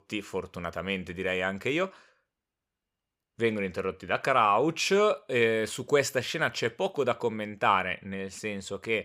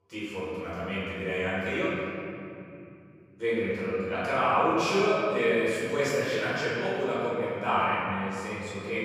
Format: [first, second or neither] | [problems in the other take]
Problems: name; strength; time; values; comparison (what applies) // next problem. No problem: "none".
first | room echo; strong; dies away in 2.9 s // off-mic speech; far